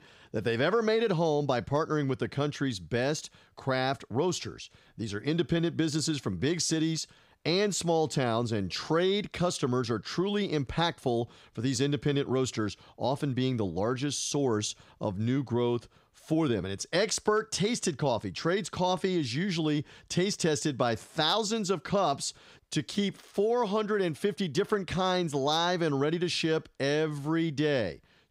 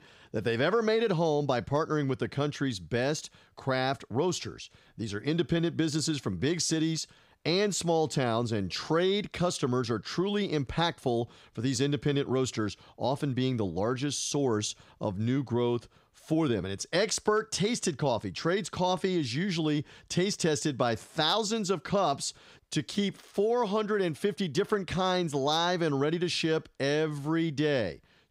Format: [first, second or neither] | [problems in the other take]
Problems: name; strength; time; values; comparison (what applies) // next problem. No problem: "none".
neither | none